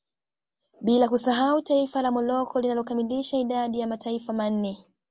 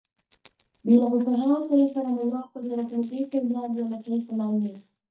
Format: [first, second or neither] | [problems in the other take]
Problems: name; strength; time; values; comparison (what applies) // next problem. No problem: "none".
first | noise reduction (neural mask model DeepFilterNet 3)